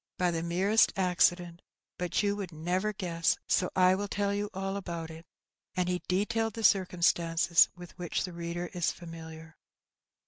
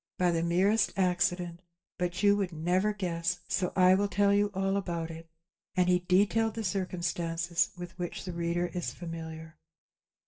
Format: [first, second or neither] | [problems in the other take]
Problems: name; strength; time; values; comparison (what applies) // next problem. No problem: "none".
first | noise reduction (neural separator model SepFormer DNS4)